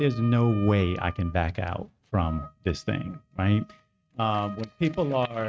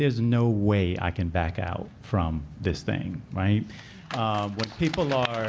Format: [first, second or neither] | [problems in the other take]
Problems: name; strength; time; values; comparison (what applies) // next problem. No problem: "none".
second | noise reduction (neural mask model RNNoise)